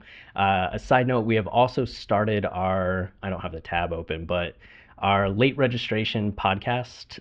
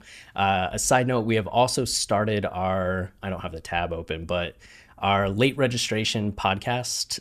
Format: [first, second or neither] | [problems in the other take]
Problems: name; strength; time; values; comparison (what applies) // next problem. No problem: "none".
second | muffled; very; fading above 3.5 kHz